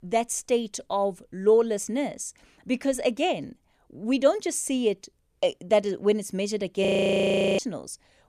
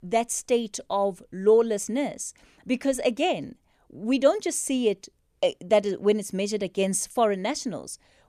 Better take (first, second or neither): second